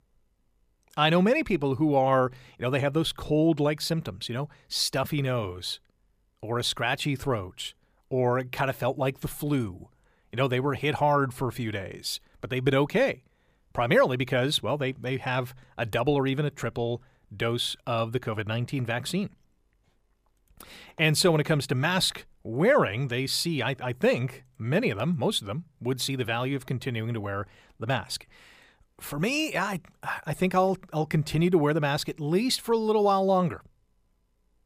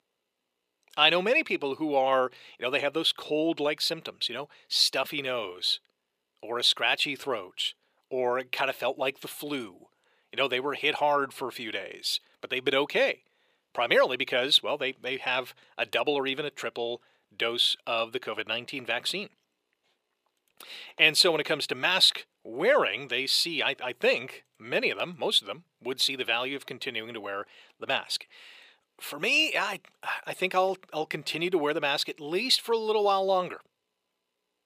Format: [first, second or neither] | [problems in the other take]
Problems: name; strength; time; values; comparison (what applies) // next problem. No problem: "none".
first | thin; somewhat; fading below 400 Hz